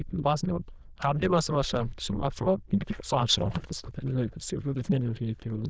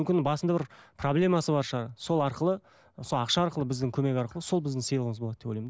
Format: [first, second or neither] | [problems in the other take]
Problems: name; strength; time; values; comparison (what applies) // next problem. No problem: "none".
second | noise reduction (neural diffusion model UNIVERSE++)